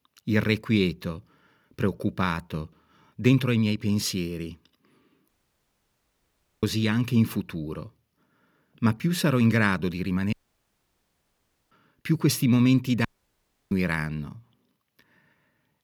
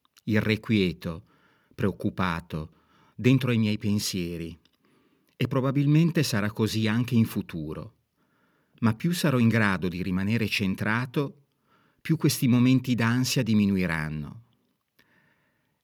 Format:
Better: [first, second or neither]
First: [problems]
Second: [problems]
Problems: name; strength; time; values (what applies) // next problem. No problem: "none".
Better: second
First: audio cutting out; at 5.5 s for 1.5 s, at 10 s for 1.5 s and at 13 s for 0.5 s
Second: none